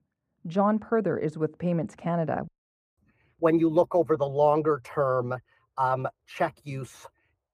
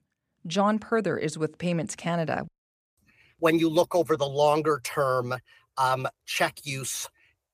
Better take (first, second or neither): second